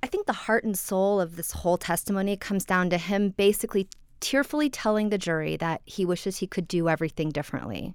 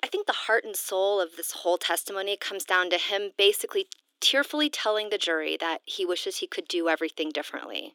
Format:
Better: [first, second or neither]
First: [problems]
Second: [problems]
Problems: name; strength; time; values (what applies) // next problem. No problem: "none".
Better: first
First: none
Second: thin; somewhat; fading below 300 Hz